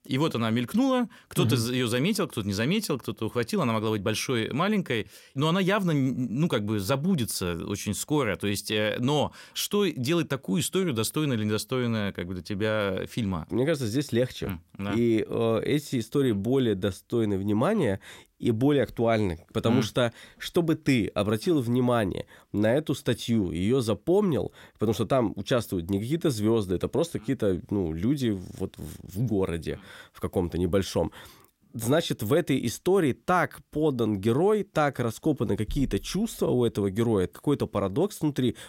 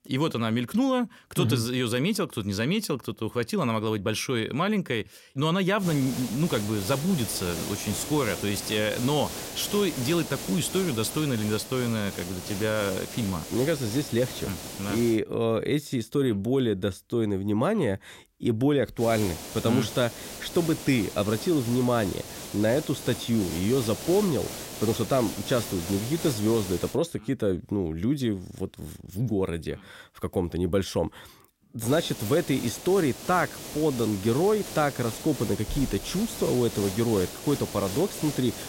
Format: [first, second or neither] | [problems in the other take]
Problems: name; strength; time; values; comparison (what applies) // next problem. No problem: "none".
first | hiss; loud; from 6 to 15 s, from 19 to 27 s and from 32 s on; 9 dB below the speech